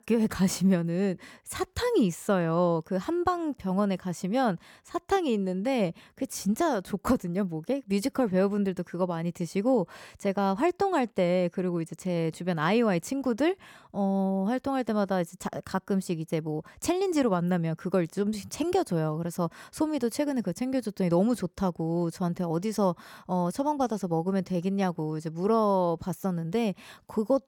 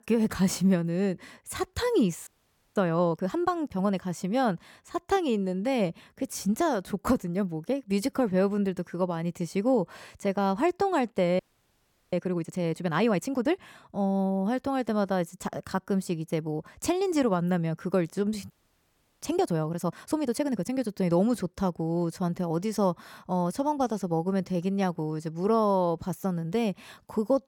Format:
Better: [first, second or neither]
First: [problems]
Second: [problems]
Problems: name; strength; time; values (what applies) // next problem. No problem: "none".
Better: first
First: none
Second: audio freezing; at 2.5 s, at 11 s for 0.5 s and at 19 s for 0.5 s